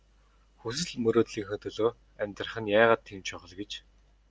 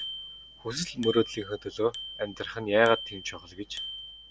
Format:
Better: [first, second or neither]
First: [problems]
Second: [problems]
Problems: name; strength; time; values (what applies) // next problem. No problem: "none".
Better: first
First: none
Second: background sound (Bicycle bell); 12 dB below the speech